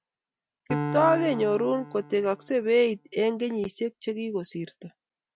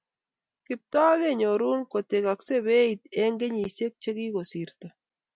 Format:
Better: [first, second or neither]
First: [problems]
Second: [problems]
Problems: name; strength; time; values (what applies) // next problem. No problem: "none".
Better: second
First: background sound (Piano); 10 dB below the speech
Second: none